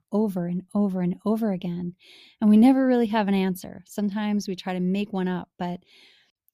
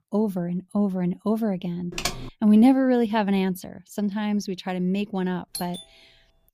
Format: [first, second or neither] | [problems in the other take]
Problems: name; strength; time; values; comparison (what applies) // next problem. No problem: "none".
first | keyboard typing; noticeable; at 2 s; peak 5 dB below the speech // doorbell; faint; at 5.5 s; peak 10 dB below the speech